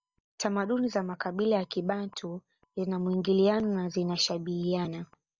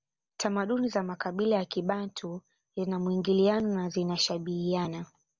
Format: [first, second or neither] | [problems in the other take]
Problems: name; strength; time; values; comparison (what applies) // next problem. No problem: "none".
second | noise reduction (neural mask model DeepFilterNet 3)